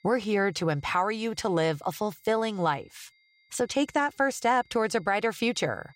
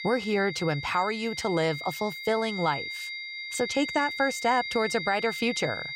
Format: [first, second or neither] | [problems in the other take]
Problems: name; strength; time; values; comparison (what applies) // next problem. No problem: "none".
first | high-pitched whine; loud; throughout; 2 kHz, 6 dB below the speech; faint in the first